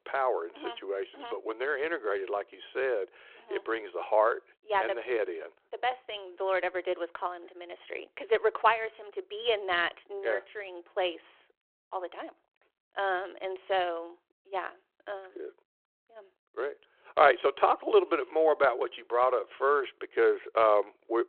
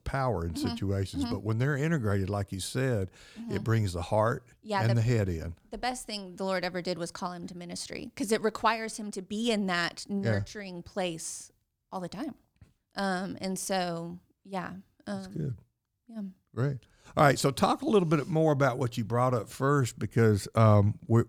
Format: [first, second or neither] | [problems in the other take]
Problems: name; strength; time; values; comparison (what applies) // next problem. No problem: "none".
second | phone-call audio